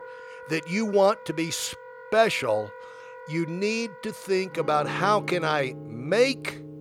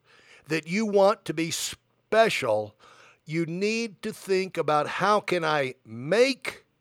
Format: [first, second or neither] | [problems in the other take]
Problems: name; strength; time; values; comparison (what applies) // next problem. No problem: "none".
second | background music; noticeable; throughout; 15 dB below the speech